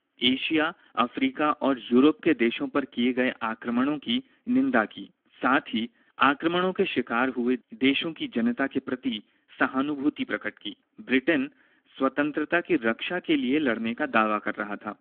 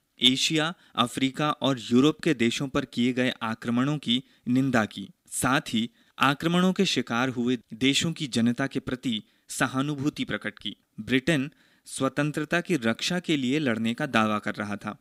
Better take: second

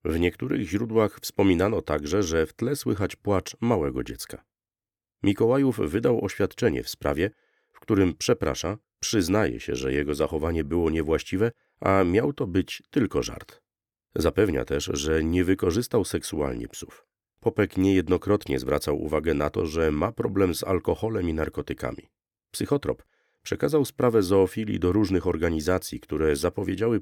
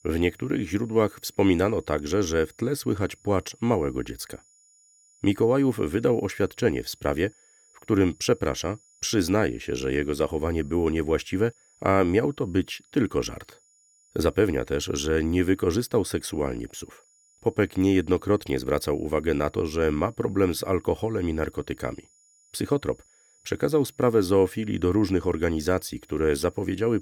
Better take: first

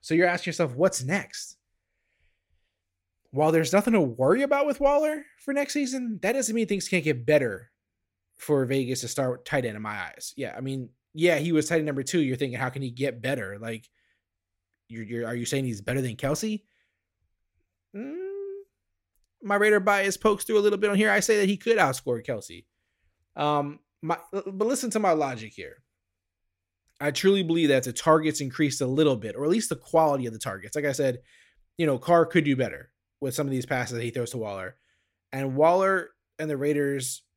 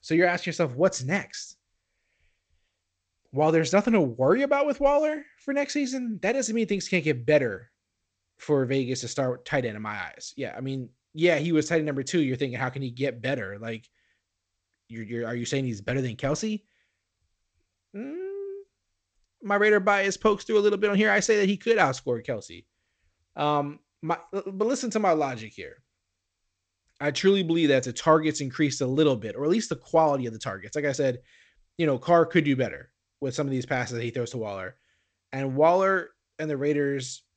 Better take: first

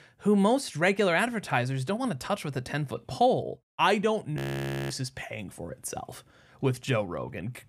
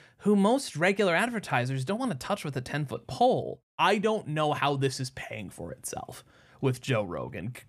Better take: second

